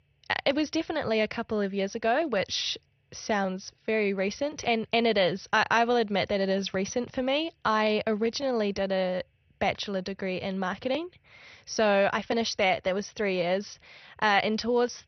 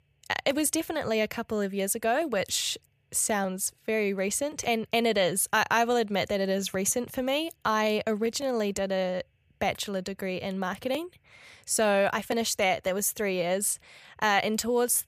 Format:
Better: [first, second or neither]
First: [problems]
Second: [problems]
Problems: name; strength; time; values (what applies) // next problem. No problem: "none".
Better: second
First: garbled, watery; slightly; nothing above 6 kHz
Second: none